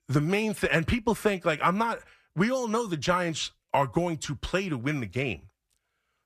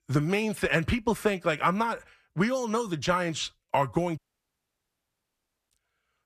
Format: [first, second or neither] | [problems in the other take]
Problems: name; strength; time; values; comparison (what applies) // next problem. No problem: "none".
first | audio cutting out; at 4 s for 1.5 s